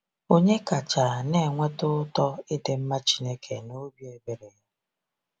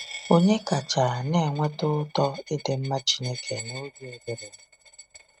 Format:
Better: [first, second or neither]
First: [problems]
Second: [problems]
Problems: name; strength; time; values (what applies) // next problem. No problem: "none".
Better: first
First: none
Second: noise reduction (neural mask model RNNoise)